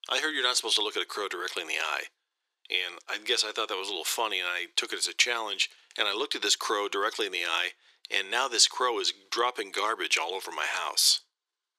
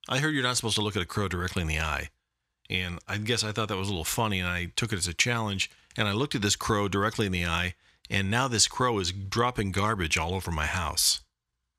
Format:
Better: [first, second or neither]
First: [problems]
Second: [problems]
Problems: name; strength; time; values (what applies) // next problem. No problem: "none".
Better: second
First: thin; very; fading below 350 Hz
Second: none